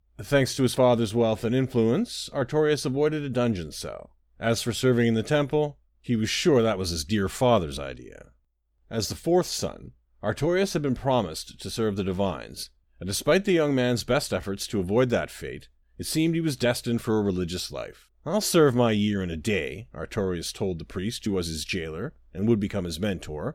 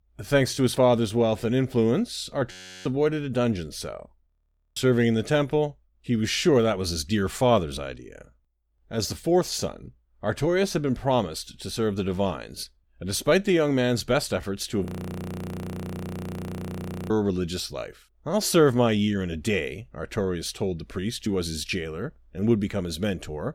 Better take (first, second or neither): first